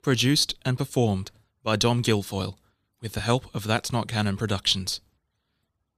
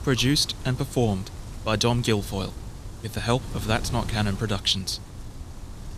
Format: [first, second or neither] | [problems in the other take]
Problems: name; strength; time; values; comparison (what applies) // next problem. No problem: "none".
first | wind noise on the microphone; occasional gusts; 20 dB below the speech